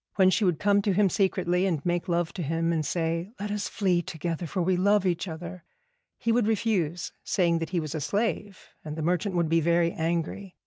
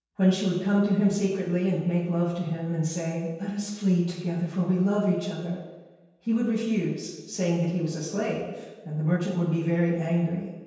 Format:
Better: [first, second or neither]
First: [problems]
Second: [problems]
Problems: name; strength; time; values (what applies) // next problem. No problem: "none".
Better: first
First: none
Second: room echo; dies away in 1.2 s